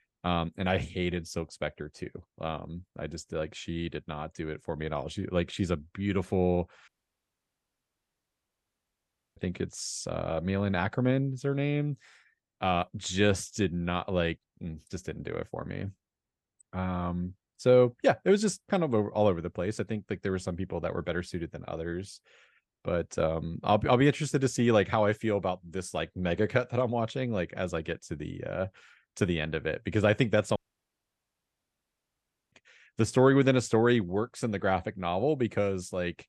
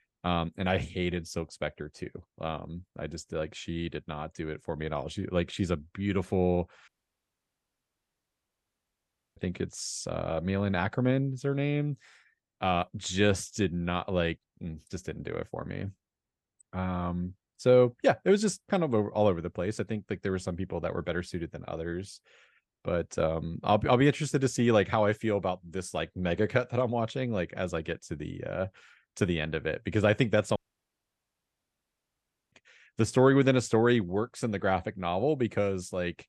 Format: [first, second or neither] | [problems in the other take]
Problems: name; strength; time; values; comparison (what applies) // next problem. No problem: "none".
neither | audio cutting out; at 7 s for 2.5 s and at 31 s for 2 s; the same in both